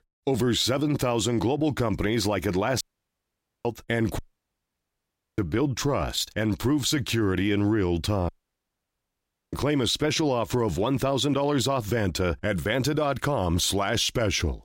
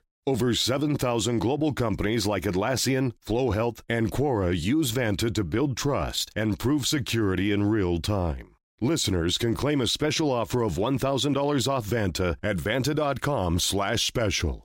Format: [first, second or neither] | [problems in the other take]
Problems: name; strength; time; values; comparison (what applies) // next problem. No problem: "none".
second | audio cutting out; at 3 s for 1 s, at 4 s for 1 s and at 8.5 s for 1 s